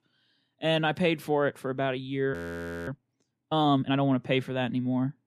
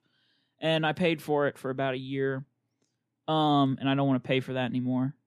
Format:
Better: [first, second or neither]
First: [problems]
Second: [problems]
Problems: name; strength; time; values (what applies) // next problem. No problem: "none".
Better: second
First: audio freezing; at 2.5 s for 0.5 s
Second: none